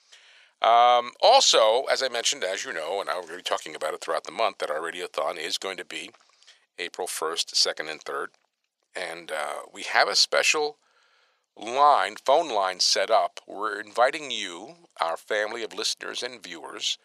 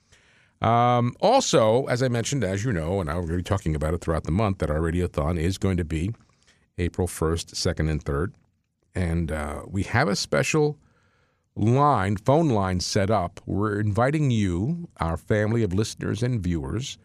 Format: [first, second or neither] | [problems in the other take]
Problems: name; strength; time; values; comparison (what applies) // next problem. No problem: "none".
second | thin; very; fading below 600 Hz